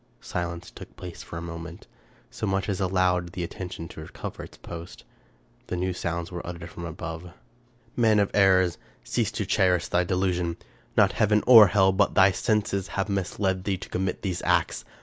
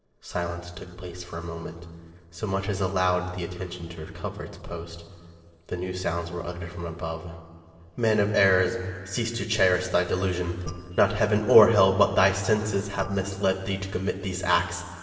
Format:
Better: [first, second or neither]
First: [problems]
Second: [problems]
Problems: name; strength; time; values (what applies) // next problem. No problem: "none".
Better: first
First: none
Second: noise reduction (neural separator model SepFormer DNS4)